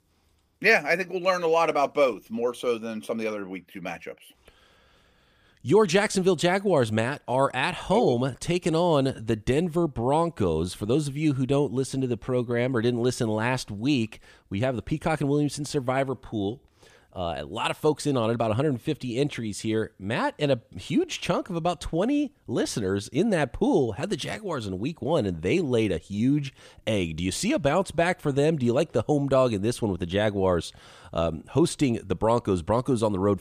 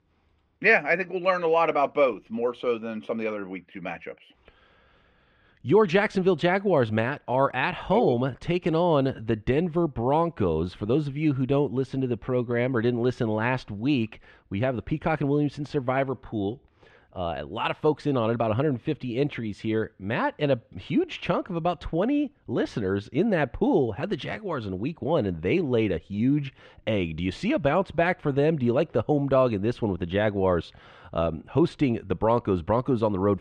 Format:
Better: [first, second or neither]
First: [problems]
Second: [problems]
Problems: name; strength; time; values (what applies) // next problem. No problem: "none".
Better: first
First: none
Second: muffled; slightly; fading above 2.5 kHz